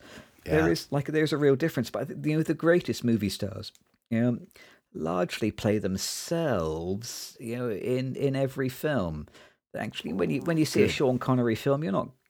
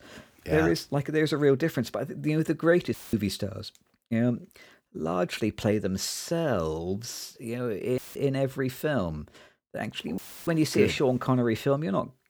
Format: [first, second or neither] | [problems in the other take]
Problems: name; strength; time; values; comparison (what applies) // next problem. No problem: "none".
first | audio cutting out; filled with static; at 3 s, at 8 s and at 10 s